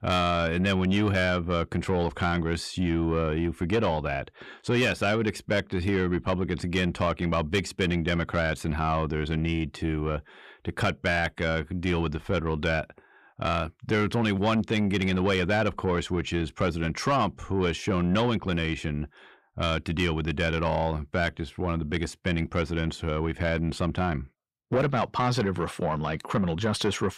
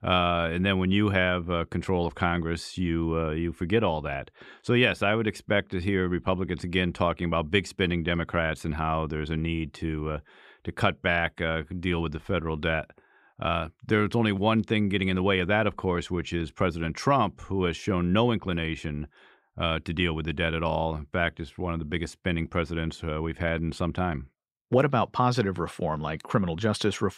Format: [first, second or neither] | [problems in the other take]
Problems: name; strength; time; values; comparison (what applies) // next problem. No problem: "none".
second | distortion; slight; 10 dB below the speech